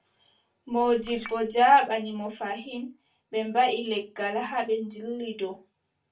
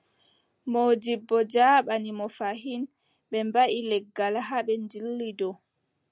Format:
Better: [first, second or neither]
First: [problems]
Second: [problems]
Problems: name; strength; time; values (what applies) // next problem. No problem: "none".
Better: second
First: background sound (Chink, clink); 19 dB below the speech // room echo; dies away in 0.2 s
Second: none